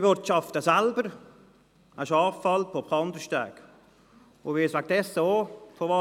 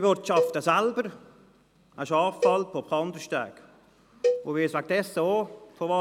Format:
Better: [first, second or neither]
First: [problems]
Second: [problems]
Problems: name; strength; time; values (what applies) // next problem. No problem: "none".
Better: first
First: none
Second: background sound (Cowbell); 5 dB below the speech